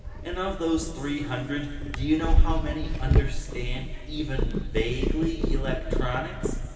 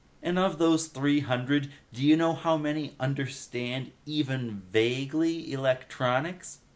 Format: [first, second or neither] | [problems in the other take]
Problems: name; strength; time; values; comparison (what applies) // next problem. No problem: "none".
second | background sound (Purr); 4 dB above the speech // room echo; dies away in 2.5 s